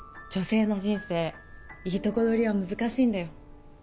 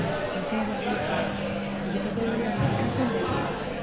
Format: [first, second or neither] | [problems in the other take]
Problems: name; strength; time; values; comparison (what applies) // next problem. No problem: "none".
first | background sound (Microwave oven); 5 dB above the speech